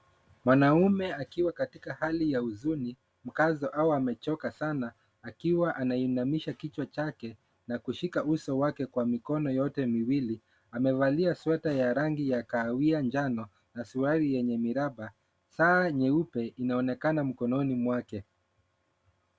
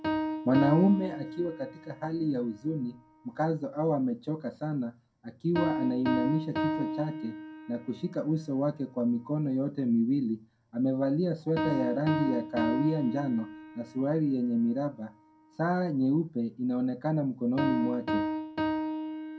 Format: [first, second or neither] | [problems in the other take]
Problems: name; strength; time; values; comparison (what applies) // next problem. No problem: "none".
first | background sound (Piano); 6 dB below the speech // room echo; dies away in 0.2 s